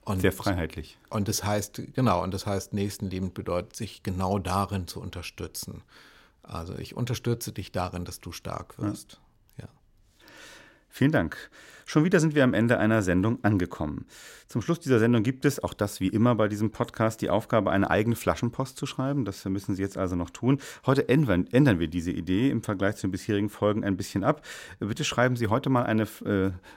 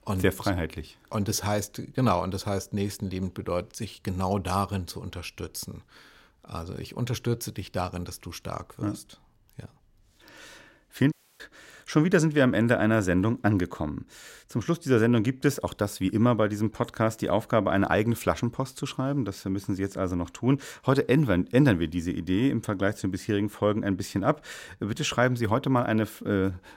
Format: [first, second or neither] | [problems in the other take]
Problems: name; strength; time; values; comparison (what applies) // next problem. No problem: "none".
first | audio cutting out; at 11 s